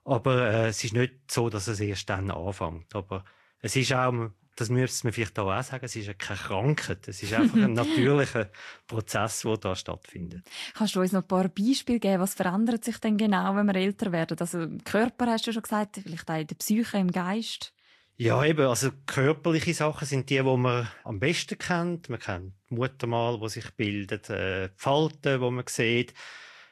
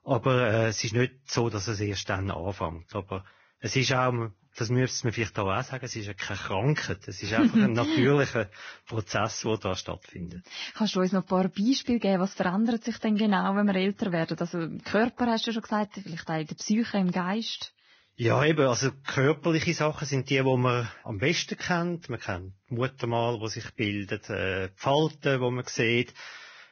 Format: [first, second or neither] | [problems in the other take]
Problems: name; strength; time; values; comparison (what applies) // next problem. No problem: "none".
first | garbled, watery; badly; nothing above 6.5 kHz; slightly in the first